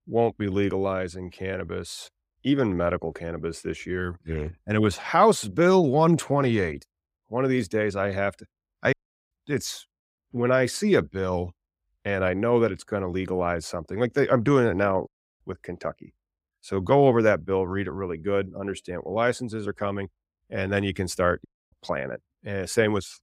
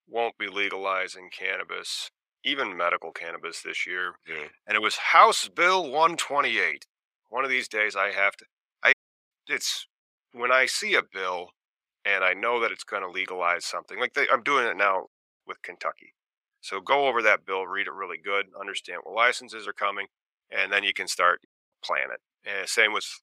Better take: first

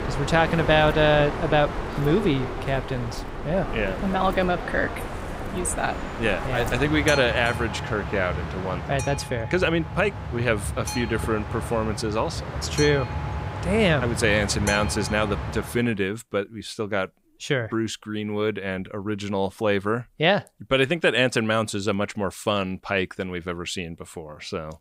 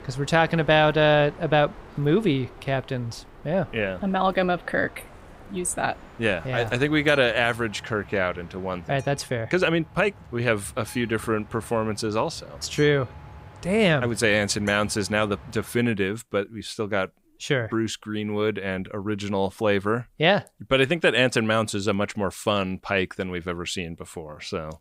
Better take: second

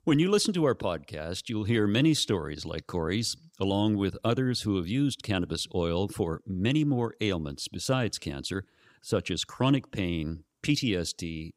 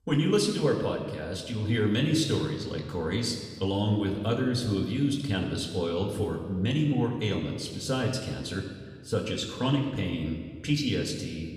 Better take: first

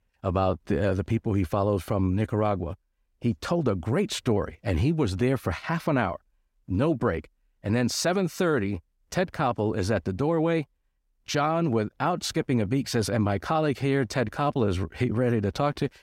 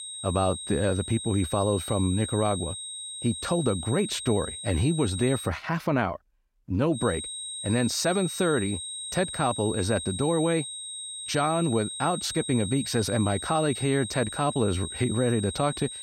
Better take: first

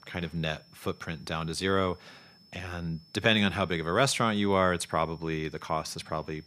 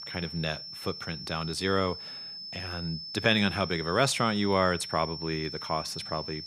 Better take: first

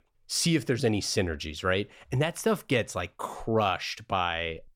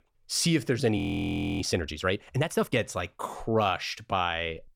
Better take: first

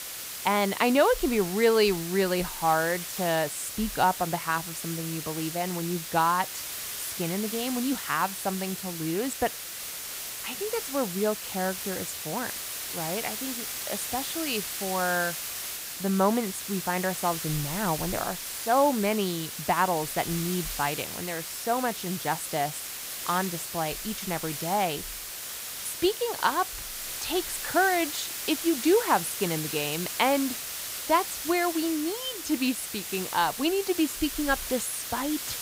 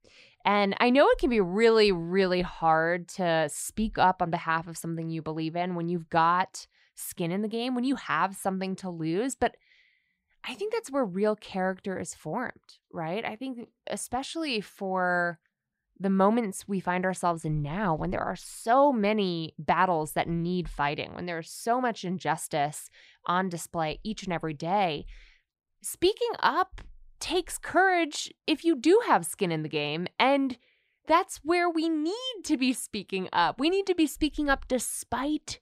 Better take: second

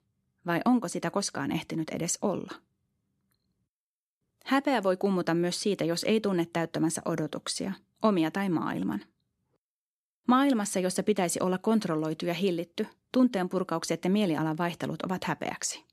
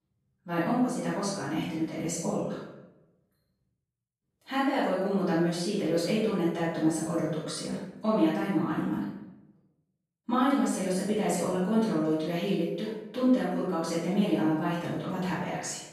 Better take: first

